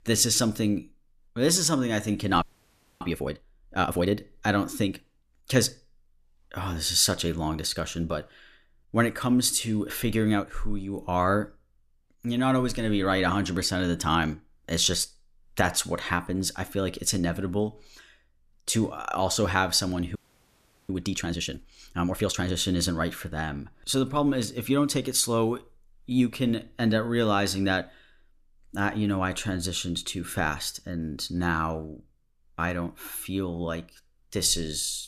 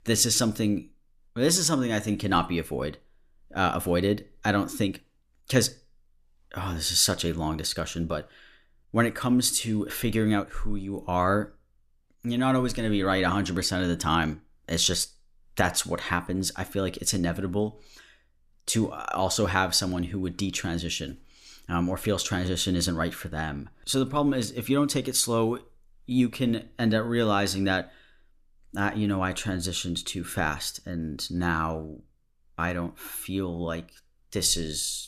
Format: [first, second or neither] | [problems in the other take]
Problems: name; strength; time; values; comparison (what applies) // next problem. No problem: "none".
second | audio freezing; at 2.5 s for 0.5 s and at 20 s for 0.5 s